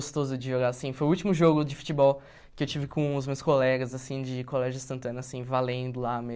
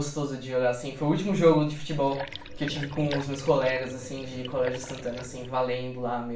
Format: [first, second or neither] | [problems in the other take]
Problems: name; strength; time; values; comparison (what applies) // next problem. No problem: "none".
first | background sound (Liquid); 13 dB below the speech // room echo; dies away in 0.4 s